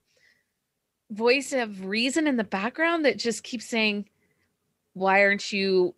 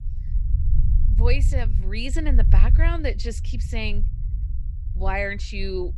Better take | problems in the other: first | low rumble; noticeable; throughout; 15 dB below the speech

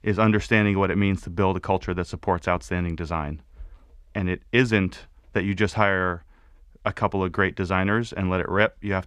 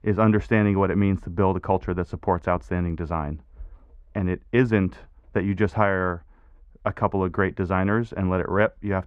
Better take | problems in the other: first | muffled; slightly; fading above 2 kHz

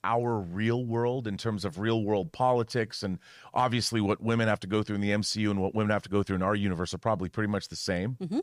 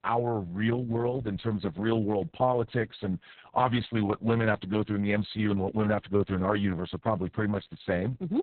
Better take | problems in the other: first | garbled, watery; badly; nothing above 4 kHz

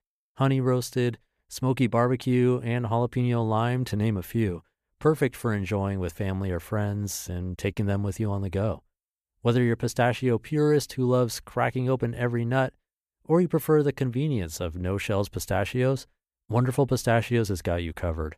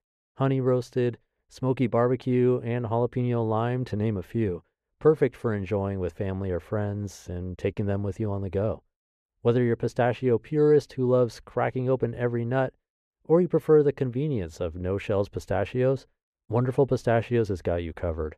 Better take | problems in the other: first | muffled; slightly; fading above 2.5 kHz

